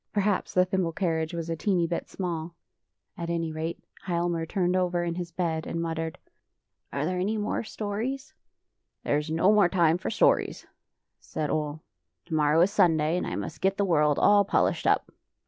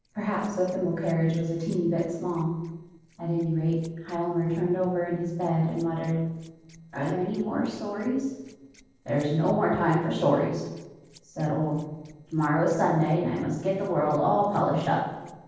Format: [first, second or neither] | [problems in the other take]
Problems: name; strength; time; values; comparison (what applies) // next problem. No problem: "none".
first | noise reduction (neural separator model SepFormer DNS4)